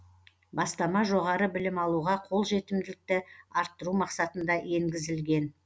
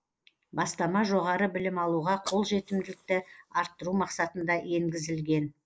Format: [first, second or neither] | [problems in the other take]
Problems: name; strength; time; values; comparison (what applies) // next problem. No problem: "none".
first | noise reduction (neural mask model Resemble Enhance denoiser)